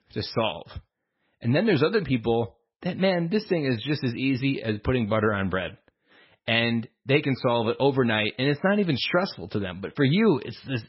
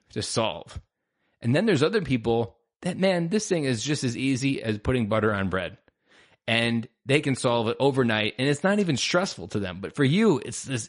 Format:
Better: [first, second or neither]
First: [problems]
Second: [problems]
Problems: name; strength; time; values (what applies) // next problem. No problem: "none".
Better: second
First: garbled, watery; badly; nothing above 5.5 kHz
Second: garbled, watery; slightly; nothing above 10.5 kHz